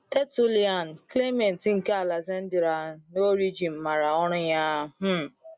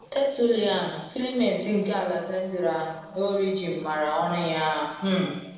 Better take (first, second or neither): first